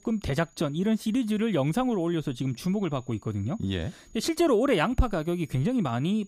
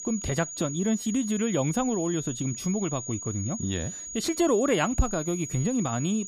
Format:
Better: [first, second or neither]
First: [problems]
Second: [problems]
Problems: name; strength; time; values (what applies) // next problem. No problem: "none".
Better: first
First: high-pitched whine; faint; throughout; 6.5 kHz, 30 dB below the speech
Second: high-pitched whine; loud; throughout; 6.5 kHz, 8 dB below the speech